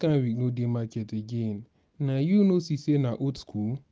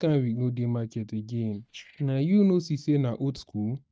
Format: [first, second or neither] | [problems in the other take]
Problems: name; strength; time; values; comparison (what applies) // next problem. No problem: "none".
first | noise reduction (neural mask model DeepFilterNet 3)